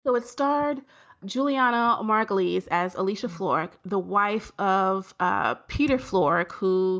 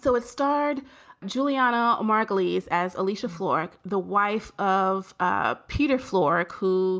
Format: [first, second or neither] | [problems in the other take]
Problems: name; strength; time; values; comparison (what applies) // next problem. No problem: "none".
second | noise reduction (neural mask model DeepFilterNet 3)